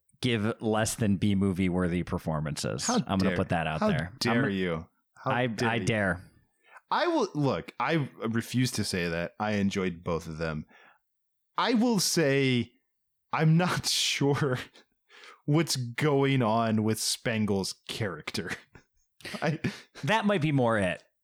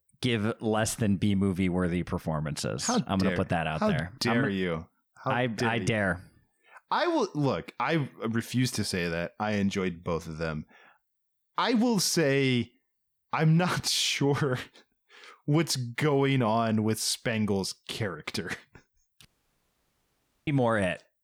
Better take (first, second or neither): first